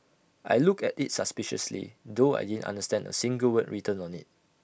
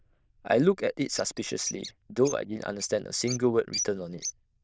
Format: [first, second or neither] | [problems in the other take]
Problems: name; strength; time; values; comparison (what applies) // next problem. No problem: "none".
first | noise reduction (neural diffusion model UNIVERSE++)